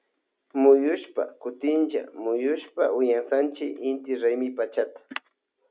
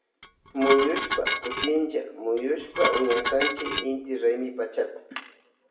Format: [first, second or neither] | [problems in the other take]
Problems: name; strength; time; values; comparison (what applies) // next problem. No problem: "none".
first | background sound (Dishes, pots, and pans); 3 dB below the speech // room echo; dies away in 0.7 s